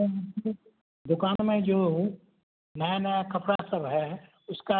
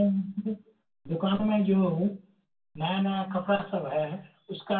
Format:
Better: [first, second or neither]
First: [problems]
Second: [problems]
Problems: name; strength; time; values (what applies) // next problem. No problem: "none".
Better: first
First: none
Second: room echo; dies away in 0.2 s